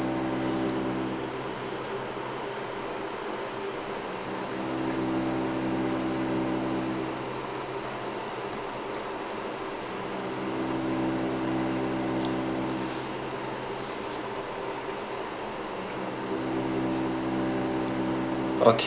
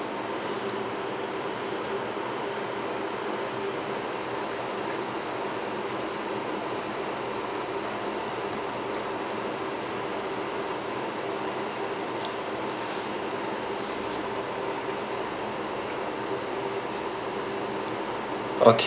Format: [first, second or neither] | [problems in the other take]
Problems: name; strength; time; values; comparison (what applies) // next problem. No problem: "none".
second | background sound (Bowed string instrument); 1 dB below the speech